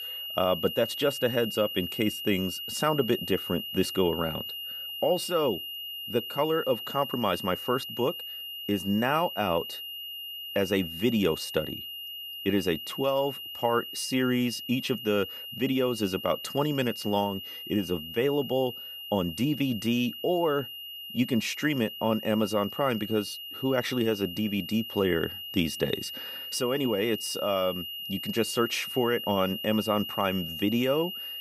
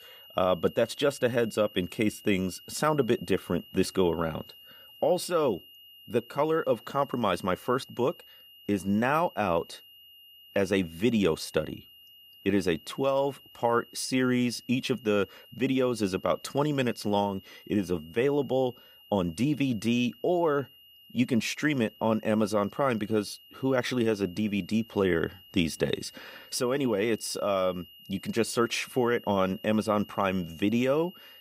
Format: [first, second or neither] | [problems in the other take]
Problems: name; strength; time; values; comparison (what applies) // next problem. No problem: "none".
second | high-pitched whine; loud; throughout; 3 kHz, 7 dB below the speech; faint in the second